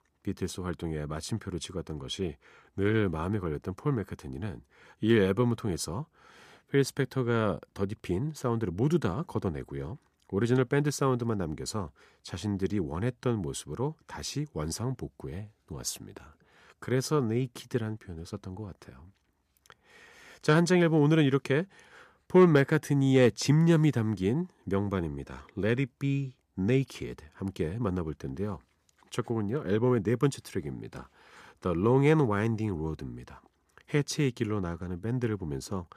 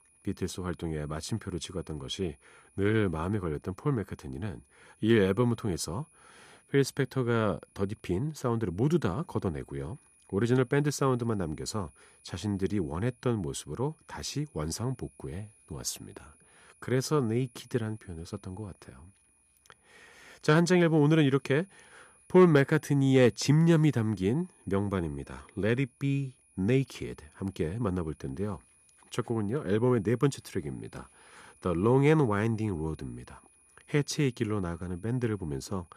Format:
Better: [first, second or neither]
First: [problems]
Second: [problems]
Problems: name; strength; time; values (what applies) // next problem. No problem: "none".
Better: first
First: none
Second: high-pitched whine; faint; throughout; 10.5 kHz, 30 dB below the speech